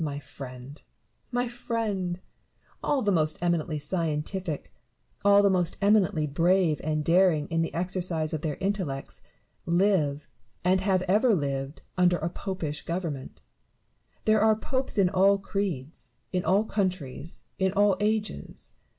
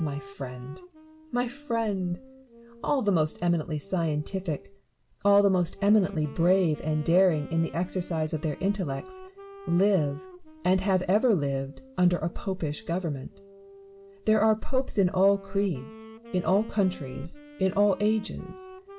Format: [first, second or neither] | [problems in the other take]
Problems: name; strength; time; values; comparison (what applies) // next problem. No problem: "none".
first | background sound (Wind instrument, woodwind instrument); 20 dB below the speech